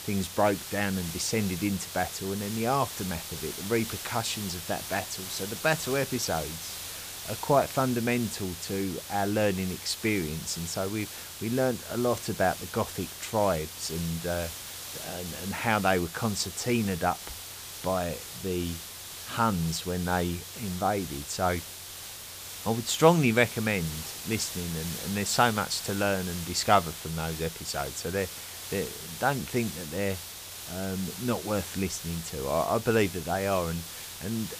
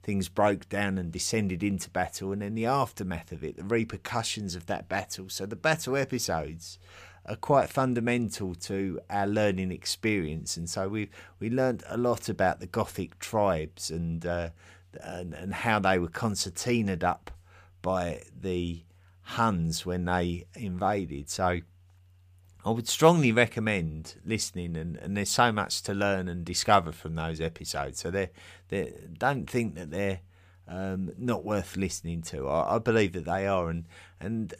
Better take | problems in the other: second | hiss; loud; throughout; 8 dB below the speech

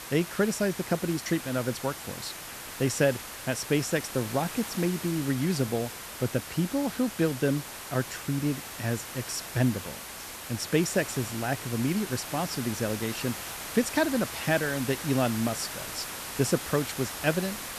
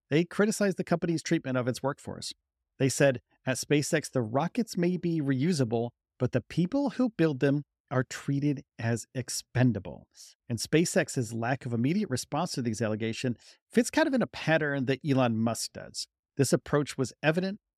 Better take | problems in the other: second | hiss; loud; throughout; 7 dB below the speech

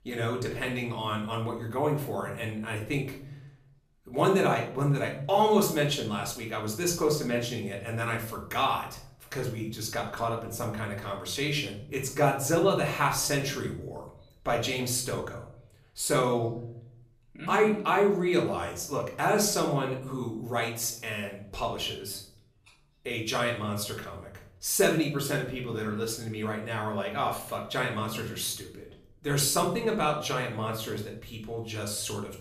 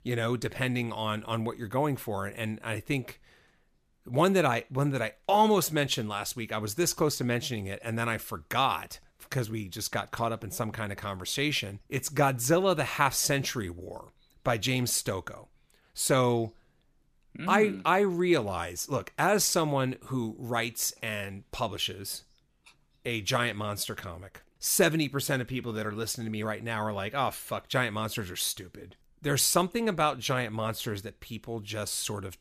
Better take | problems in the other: second | room echo; slight; dies away in 0.5 s // off-mic speech; far

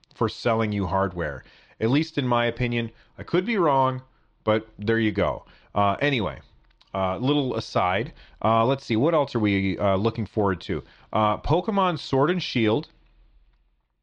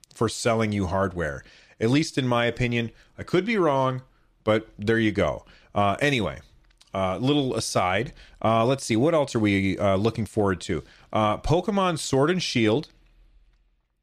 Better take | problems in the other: second | muffled; very slightly; fading above 4 kHz

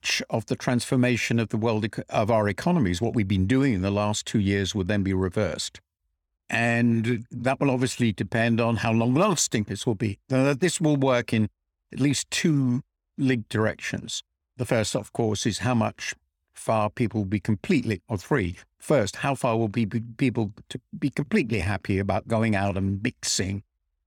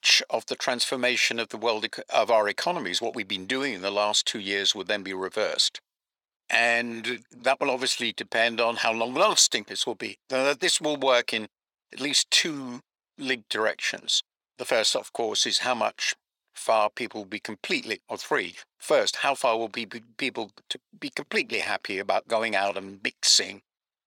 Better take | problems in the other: first | thin; very; fading below 600 Hz

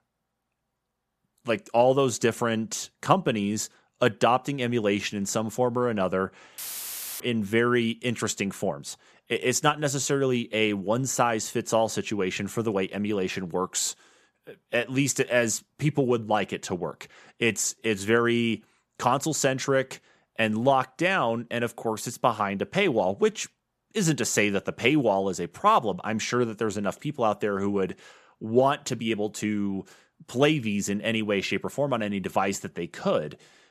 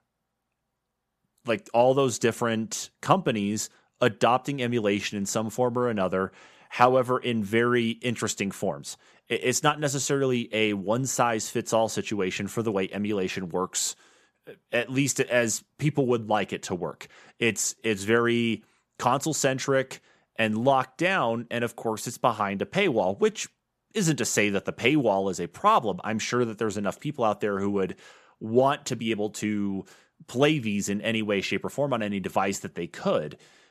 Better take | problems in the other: second | audio cutting out; filled with static; at 6.5 s for 0.5 s

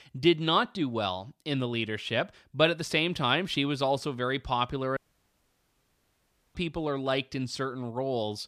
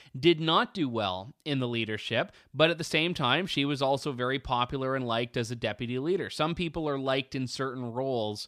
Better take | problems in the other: second | audio cutting out; at 5 s for 1.5 s

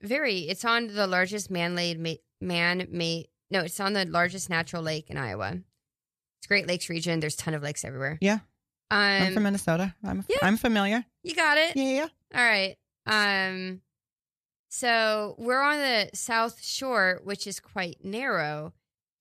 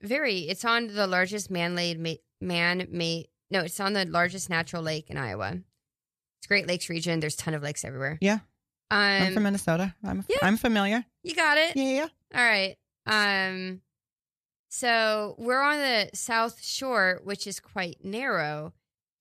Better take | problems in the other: neither | none

